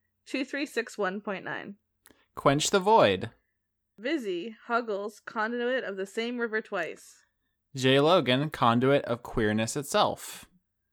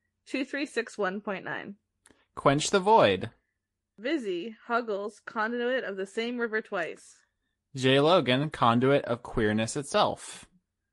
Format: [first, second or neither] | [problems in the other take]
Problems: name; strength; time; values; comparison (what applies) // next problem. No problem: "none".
first | garbled, watery; slightly